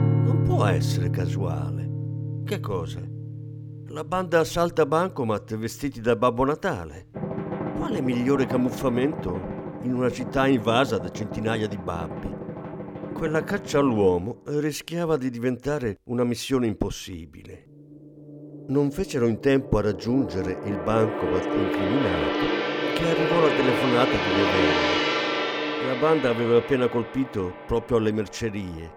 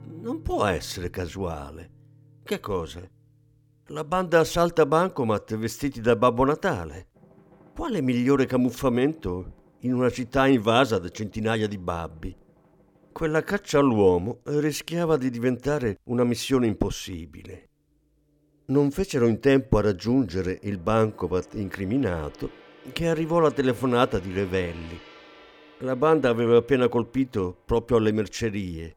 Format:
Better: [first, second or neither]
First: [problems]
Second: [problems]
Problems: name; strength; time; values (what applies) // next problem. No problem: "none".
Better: second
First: background music; loud; throughout; 2 dB below the speech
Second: background music; faint; throughout; 25 dB below the speech